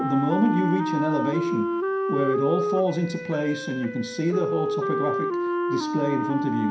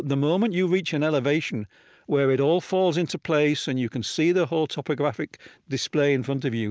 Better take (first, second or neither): second